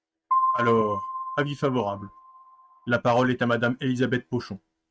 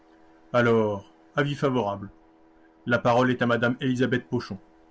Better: second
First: noise reduction (neural mask model RNNoise)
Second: none

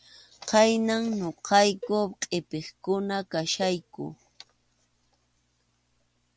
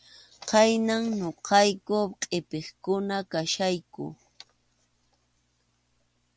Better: second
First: background sound (Cowbell); 19 dB below the speech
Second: none

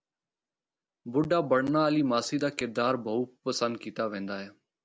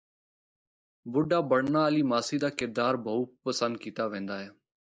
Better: first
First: none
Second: noise reduction (neural mask model Resemble Enhance denoiser)

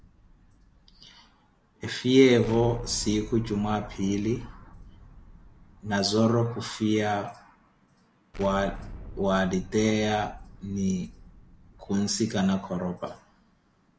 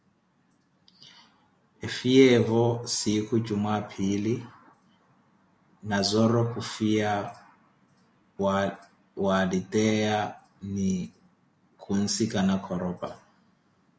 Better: second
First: background sound (Explosion); 17 dB below the speech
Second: none

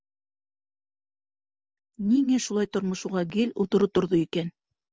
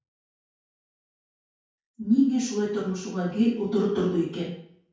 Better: first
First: none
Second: room echo; dies away in 0.5 s

